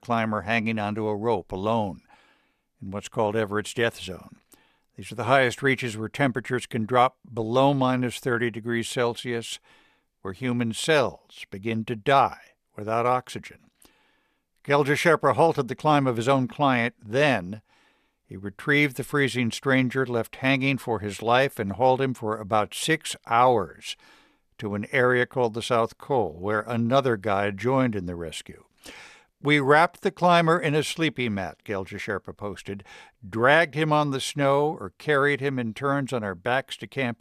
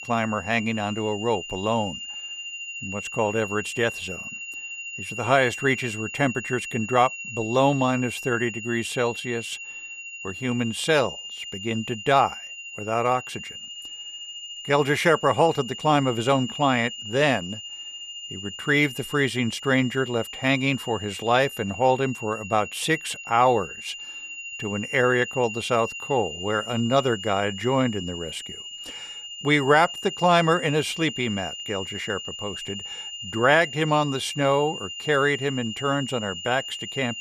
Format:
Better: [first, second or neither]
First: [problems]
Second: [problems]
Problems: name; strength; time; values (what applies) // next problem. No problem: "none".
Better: first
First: none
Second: high-pitched whine; loud; throughout; 3 kHz, 10 dB below the speech